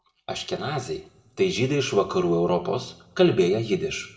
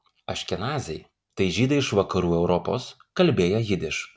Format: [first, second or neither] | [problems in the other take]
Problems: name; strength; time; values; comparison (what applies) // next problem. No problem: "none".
second | room echo; dies away in 0.6 s